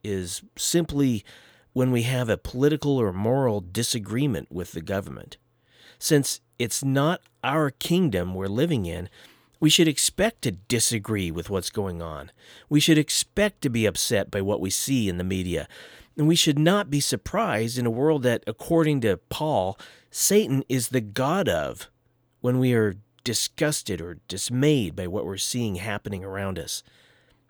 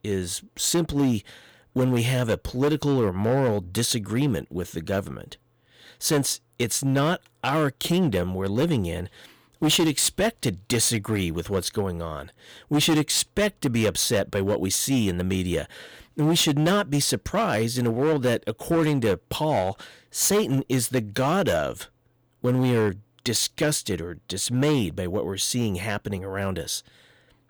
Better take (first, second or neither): first